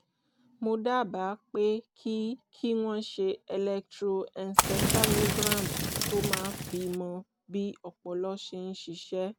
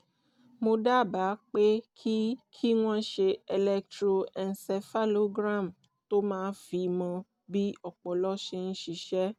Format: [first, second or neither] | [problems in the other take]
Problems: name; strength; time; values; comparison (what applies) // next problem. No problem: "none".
second | background sound (Fire); 4 dB above the speech